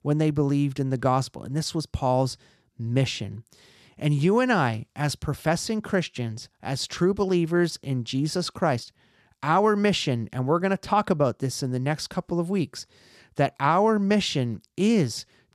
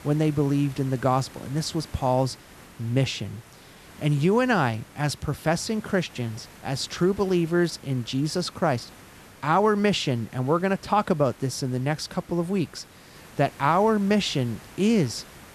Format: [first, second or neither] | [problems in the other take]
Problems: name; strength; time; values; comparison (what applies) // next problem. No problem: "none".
first | hiss; faint; throughout; 20 dB below the speech